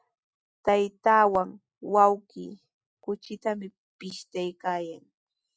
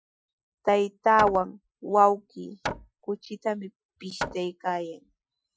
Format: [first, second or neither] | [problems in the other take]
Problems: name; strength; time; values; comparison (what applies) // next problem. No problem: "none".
first | noise reduction (classical method Wiener filter)